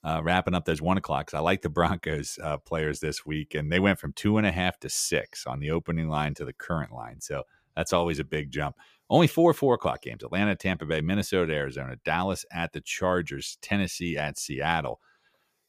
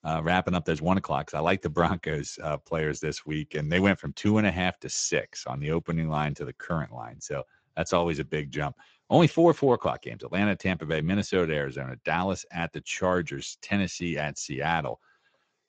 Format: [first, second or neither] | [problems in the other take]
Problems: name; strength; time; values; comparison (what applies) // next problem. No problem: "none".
first | garbled, watery; slightly